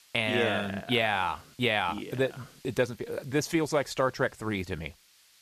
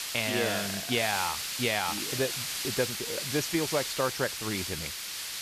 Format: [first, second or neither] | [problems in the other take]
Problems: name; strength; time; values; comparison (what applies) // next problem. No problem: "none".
first | hiss; loud; throughout; 1 dB below the speech; faint in the first